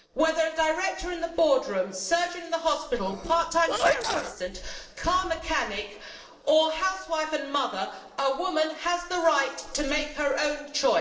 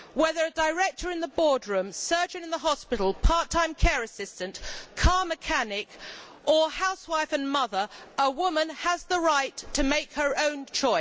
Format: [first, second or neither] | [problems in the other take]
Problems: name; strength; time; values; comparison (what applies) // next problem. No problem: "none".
second | noise reduction (neural separator model SepFormer DNS4)